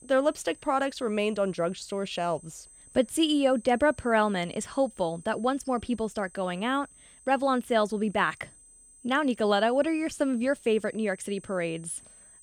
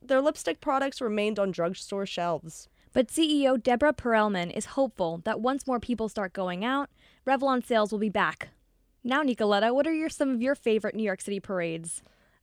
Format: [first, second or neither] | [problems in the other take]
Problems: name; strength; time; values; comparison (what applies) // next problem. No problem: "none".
second | high-pitched whine; faint; throughout; 8 kHz, 25 dB below the speech